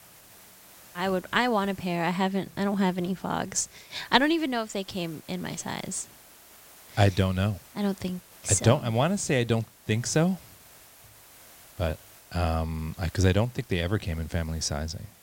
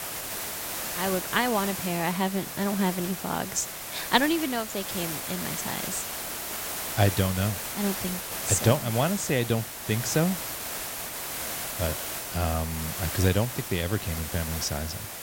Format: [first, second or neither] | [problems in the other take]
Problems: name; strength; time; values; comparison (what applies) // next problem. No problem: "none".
first | hiss; loud; throughout; 4 dB below the speech; faint in the first